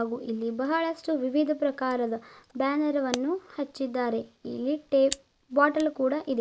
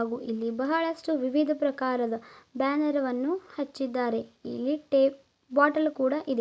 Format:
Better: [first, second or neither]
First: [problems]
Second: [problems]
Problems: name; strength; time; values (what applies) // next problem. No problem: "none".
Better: second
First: background sound (Camera); 19 dB below the speech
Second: none